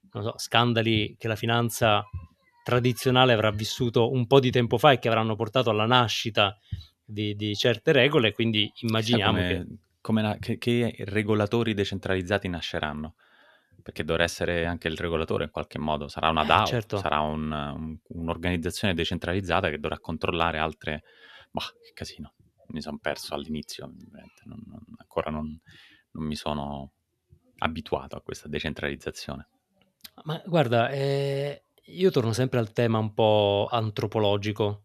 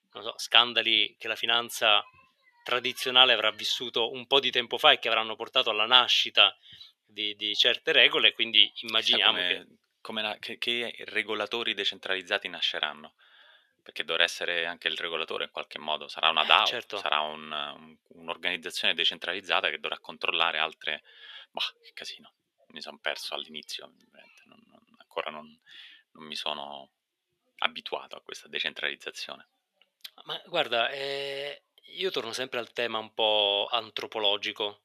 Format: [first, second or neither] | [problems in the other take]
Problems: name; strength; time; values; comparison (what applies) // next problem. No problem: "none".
first | thin; very; fading below 450 Hz